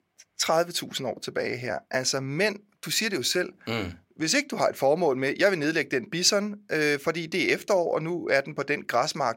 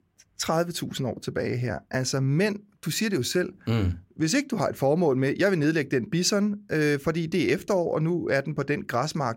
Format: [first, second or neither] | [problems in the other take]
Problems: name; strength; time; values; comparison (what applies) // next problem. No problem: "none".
second | thin; somewhat; fading below 950 Hz